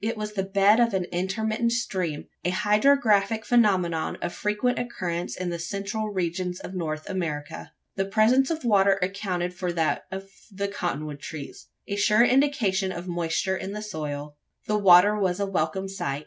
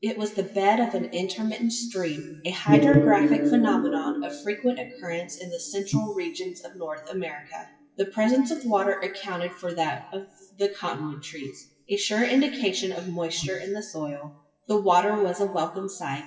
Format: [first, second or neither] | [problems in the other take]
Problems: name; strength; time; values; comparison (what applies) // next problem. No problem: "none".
first | noise reduction (classical method WPE with log-MMSE)